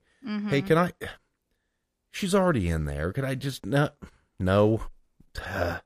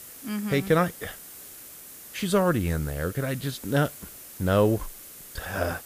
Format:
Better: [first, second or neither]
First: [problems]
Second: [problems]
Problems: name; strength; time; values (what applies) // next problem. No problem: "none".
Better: first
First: none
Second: hiss; noticeable; throughout; 15 dB below the speech